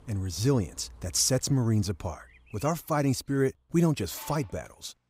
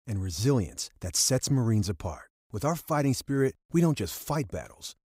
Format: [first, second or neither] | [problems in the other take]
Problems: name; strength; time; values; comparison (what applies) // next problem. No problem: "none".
second | animal sounds; faint; throughout; 25 dB below the speech